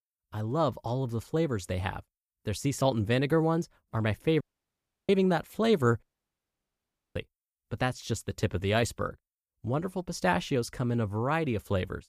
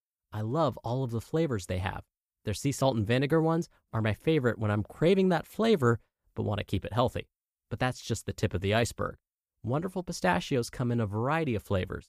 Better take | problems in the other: second | audio cutting out; at 4.5 s for 0.5 s and at 6 s for 1 s

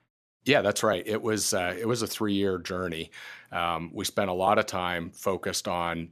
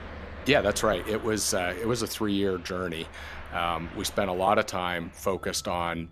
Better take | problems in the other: first | traffic noise; noticeable; throughout; 15 dB below the speech

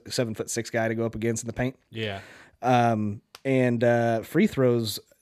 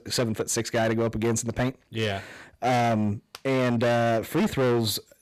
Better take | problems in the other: first | distortion; heavy; 19% of the sound clipped

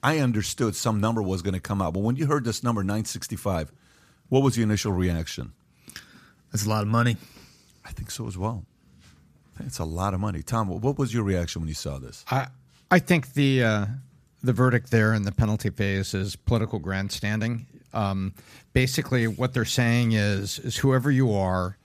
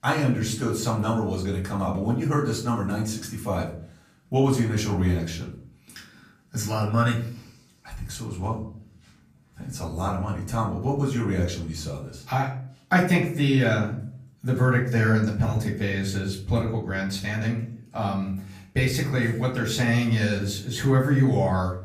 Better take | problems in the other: first | room echo; slight; dies away in 0.4 s // off-mic speech; far

